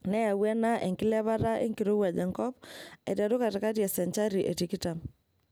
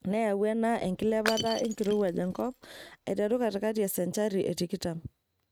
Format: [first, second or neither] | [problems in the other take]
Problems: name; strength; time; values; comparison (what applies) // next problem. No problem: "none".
first | noise reduction (neural mask model RNNoise)